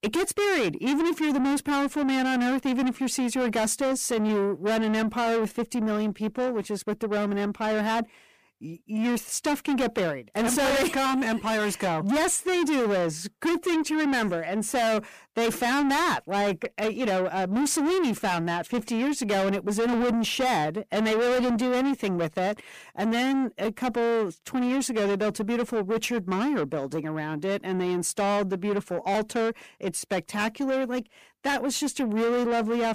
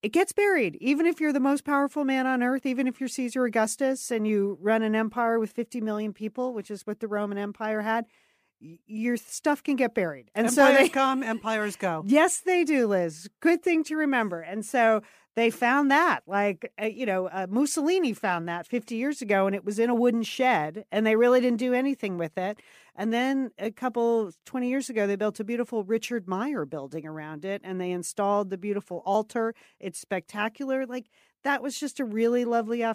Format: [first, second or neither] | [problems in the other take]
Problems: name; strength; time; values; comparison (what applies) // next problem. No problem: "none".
second | distortion; heavy; 6 dB below the speech